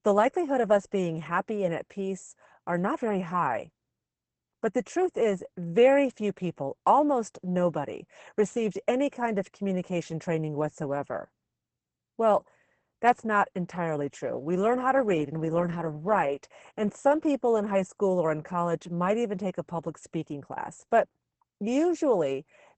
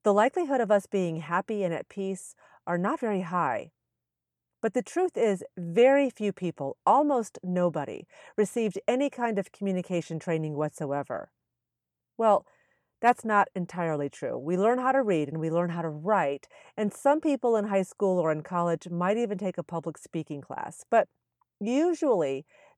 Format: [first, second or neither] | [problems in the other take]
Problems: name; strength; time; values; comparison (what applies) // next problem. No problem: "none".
second | garbled, watery; badly; nothing above 8 kHz